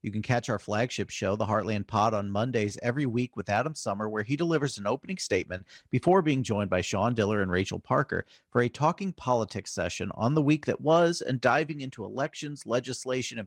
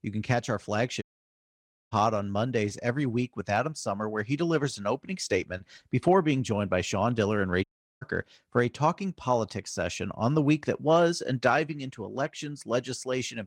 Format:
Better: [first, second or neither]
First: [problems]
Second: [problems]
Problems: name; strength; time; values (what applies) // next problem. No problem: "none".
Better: first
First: none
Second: audio cutting out; at 1 s for 1 s and at 7.5 s